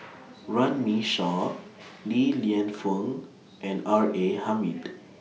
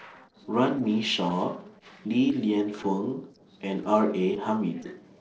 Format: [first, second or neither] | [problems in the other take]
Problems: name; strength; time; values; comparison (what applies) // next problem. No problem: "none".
first | noise reduction (neural separator model SepFormer DNS4)